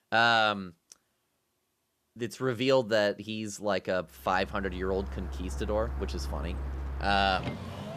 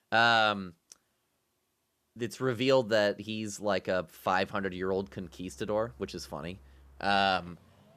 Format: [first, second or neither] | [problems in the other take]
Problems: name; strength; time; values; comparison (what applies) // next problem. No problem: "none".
second | traffic noise; loud; from 4.5 s on; 9 dB below the speech; faint in the second